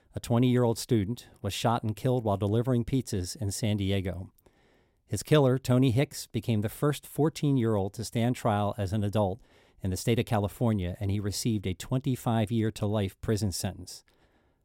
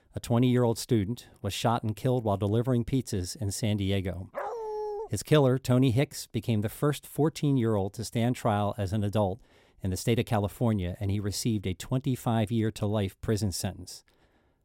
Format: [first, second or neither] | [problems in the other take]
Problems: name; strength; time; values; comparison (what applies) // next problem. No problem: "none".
first | dog barking; noticeable; at 4.5 s; peak 6 dB below the speech